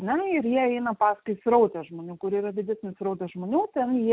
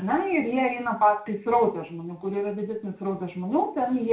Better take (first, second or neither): first